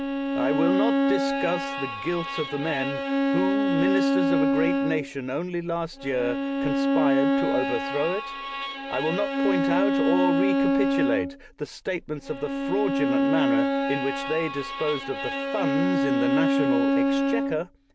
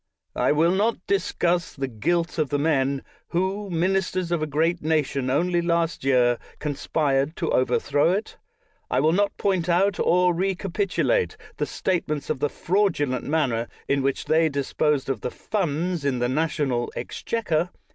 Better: second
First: background sound (Bowed string instrument); 4 dB above the speech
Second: none

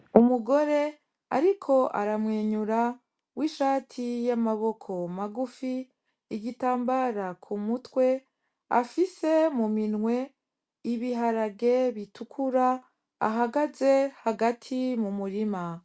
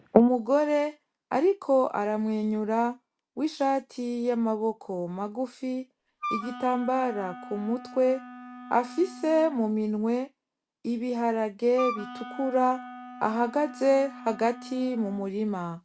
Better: first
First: none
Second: background sound (Wind instrument, woodwind instrument); 13 dB below the speech

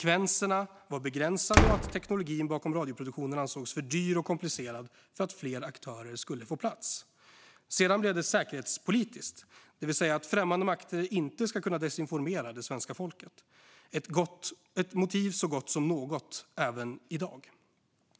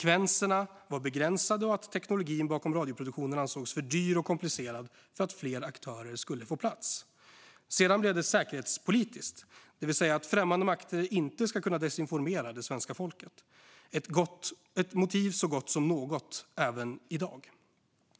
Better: second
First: background sound (Slam); 1 dB above the speech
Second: none

